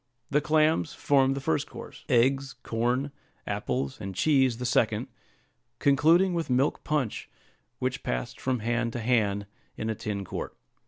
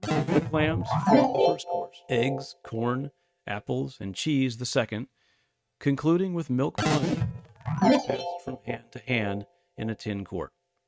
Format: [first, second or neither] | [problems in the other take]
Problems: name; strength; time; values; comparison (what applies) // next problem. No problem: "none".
first | noise reduction (neural mask model RNNoise)